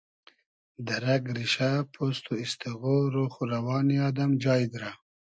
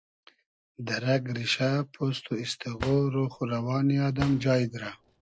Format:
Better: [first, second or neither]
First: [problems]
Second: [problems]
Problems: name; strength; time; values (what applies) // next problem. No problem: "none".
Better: first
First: none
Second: background sound (Drawer open or close); 14 dB below the speech